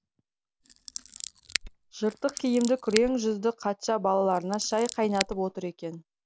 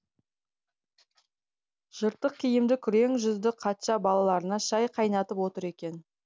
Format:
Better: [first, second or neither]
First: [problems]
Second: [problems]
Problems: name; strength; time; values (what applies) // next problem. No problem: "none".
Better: second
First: background sound (Scissors); 10 dB below the speech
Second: none